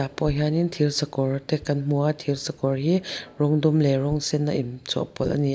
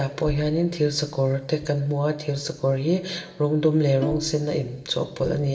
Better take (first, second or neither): first